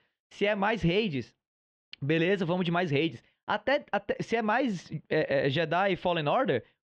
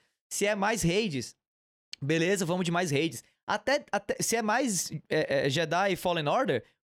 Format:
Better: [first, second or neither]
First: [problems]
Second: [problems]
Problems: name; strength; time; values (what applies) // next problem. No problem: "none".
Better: second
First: muffled; very; fading above 3.5 kHz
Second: none